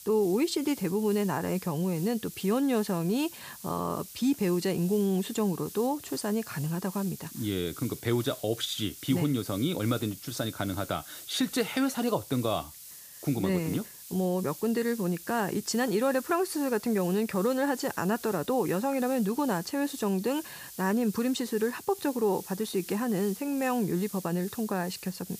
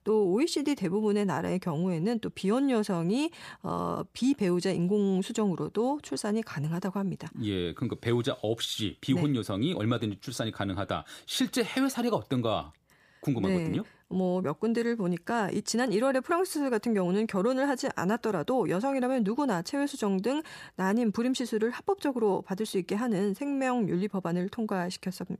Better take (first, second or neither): second